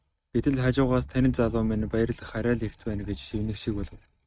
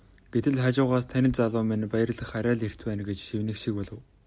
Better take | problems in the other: second | noise reduction (neural mask model RNNoise)

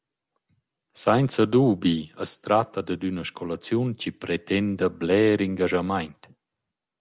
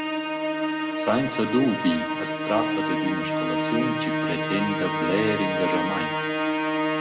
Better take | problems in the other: first | background sound (Musical instrument); 1 dB above the speech // room echo; dies away in 1 s

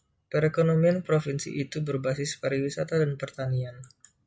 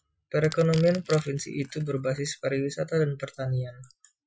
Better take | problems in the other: first | noise reduction (classical method Wiener filter)

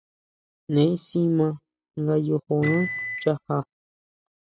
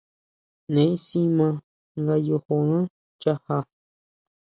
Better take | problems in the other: second | noise reduction (classical method spectral subtraction)

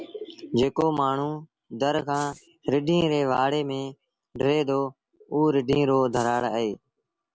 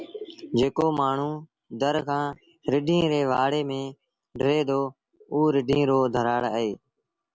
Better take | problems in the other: second | background sound (Rattle (instrument)); 19 dB below the speech

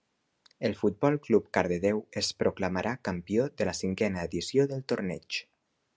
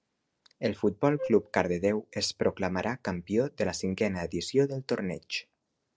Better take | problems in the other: first | noise reduction (neural separator model SepFormer DNS4)

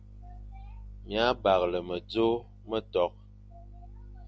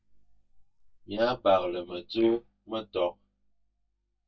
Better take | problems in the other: first | noise reduction (neural mask model DeepFilterNet 3)

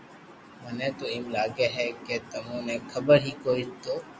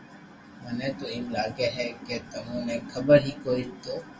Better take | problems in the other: first | room echo; dies away in 0.2 s

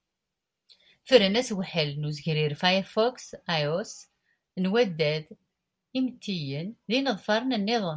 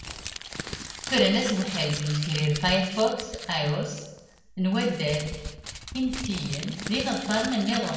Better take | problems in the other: first | background sound (Crumpling, crinkling); 10 dB below the speech // room echo; dies away in 0.9 s

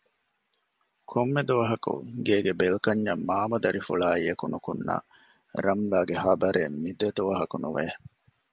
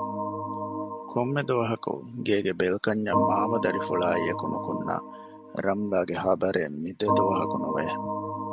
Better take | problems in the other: first | background sound (Organ); 3 dB below the speech

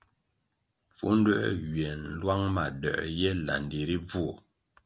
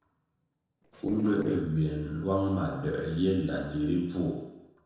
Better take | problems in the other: first | noise reduction (neural separator model SepFormer DNS4)

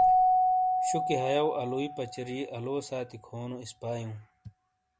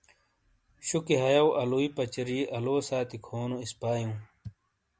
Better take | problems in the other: second | background sound (Keyboard (musical)); 5 dB above the speech

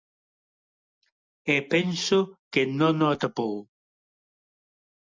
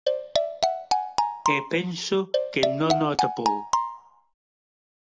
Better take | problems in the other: first | background sound (Marimba, xylophone); 4 dB above the speech

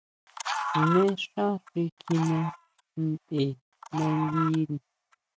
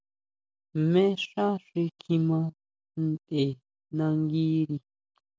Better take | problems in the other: second | noise reduction (neural mask model RNNoise)

